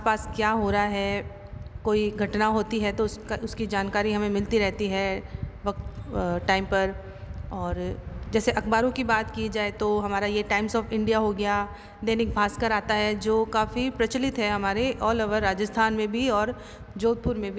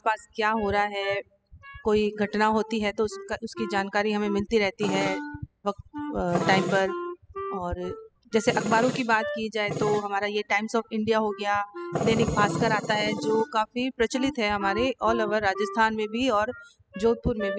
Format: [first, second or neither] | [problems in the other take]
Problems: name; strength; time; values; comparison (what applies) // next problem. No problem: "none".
first | noise reduction (classical method spectral subtraction)